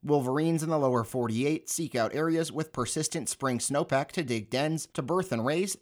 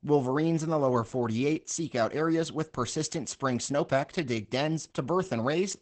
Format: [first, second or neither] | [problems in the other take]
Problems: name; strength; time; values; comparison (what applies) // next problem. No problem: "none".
first | garbled, watery; badly; nothing above 8 kHz